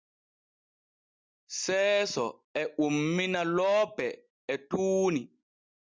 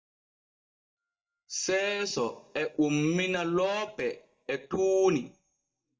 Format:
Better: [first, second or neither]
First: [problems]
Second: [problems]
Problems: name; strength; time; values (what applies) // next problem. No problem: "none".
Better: first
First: none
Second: noise reduction (neural mask model DeepFilterNet 3)